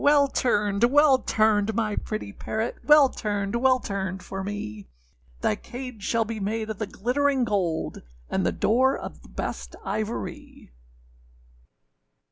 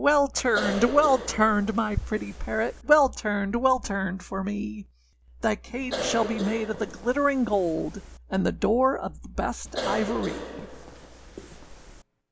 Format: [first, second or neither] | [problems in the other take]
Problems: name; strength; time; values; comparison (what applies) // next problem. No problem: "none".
first | background sound (Cough); 10 dB below the speech